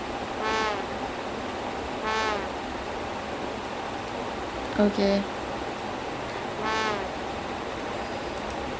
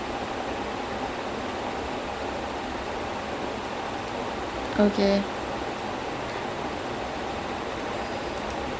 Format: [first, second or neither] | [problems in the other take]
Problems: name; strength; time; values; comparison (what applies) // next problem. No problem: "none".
second | background sound (Brass instrument); 1 dB below the speech